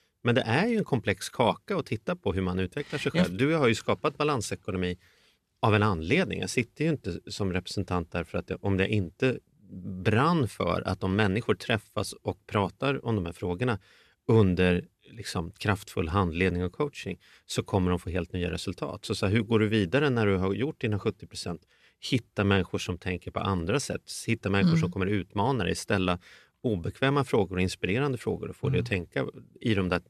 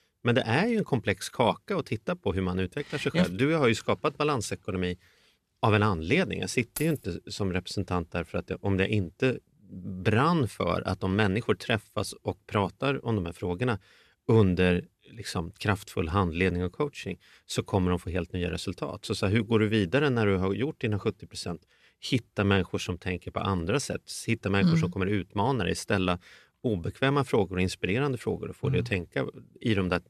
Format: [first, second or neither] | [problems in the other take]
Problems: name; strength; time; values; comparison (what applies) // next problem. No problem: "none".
first | jangling keys; faint; at 7 s; peak 10 dB below the speech